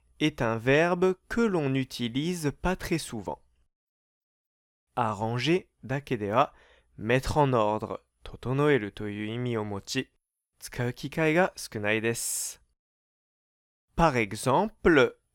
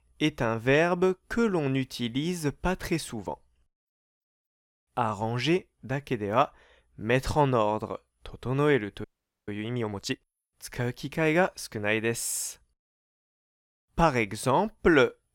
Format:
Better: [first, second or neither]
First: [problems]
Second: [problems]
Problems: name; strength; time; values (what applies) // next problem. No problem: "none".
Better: first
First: none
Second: audio freezing; at 9 s